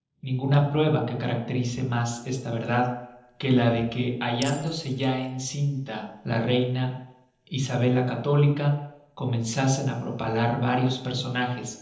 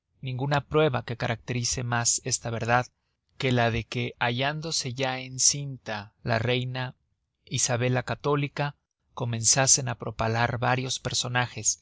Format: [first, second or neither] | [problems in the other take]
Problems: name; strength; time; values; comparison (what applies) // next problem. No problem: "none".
second | noise reduction (neural separator model SepFormer DNS4)